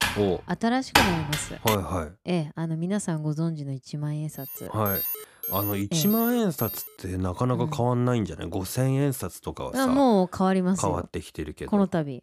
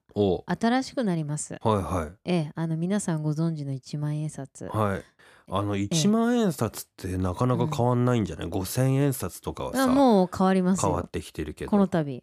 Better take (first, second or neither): second